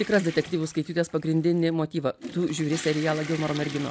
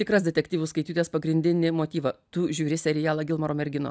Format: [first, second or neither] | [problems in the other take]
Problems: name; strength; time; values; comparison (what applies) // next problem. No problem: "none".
second | background sound (Toilet flush / Water); 15 dB below the speech